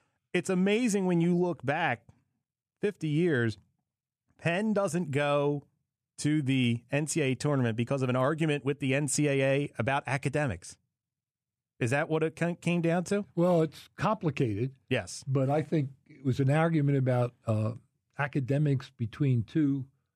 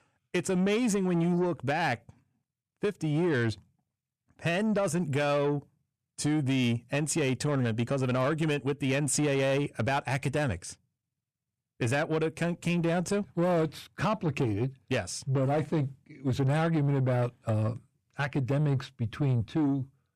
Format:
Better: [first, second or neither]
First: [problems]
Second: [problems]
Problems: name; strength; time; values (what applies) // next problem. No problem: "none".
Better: first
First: none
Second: distortion; slight; 10 dB below the speech